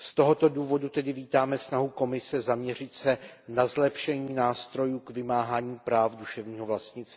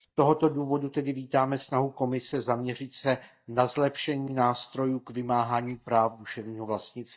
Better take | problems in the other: first | noise reduction (neural mask model DeepFilterNet 3)

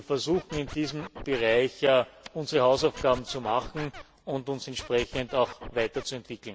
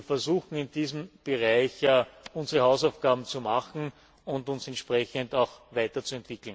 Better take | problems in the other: second | background sound (Scratching (performance technique)); 14 dB below the speech

